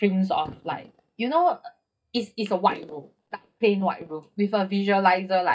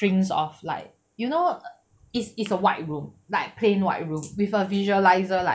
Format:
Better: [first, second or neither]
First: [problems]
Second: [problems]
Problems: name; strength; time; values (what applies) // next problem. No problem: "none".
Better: second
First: noise reduction (neural mask model DeepFilterNet 3)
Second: none